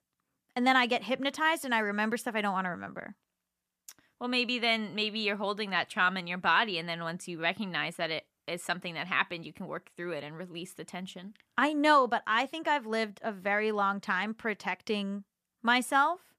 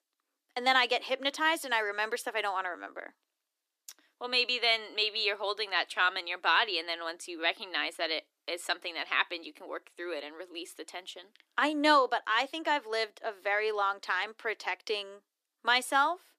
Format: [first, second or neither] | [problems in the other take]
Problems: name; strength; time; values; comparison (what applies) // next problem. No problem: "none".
first | thin; somewhat; fading below 300 Hz